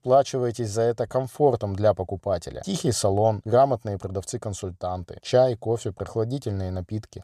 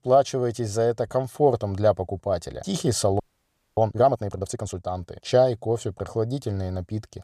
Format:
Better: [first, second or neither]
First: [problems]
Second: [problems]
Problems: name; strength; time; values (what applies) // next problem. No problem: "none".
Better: first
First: none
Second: audio freezing; at 3 s for 0.5 s